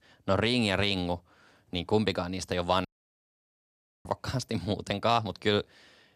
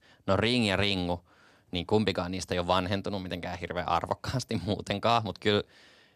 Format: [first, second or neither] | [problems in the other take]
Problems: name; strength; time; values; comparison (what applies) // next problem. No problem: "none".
second | audio cutting out; at 3 s for 1 s